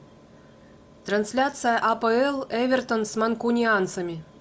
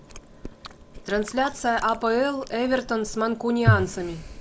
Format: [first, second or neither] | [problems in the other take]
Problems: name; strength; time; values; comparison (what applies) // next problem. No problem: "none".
first | background sound (Chewing, mastication); 5 dB below the speech